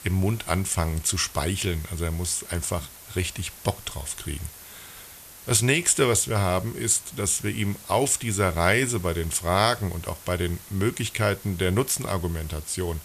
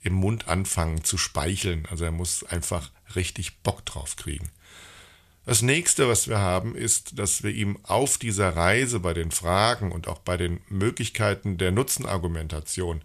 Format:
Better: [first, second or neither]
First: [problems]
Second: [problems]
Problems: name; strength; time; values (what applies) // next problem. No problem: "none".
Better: second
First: hiss; noticeable; throughout; 15 dB below the speech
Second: none